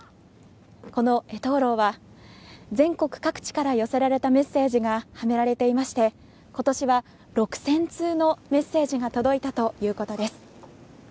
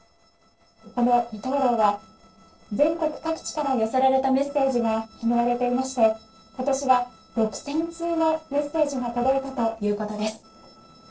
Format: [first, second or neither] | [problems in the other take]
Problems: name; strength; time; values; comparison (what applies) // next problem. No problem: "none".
first | noise reduction (neural separator model SepFormer DNS4)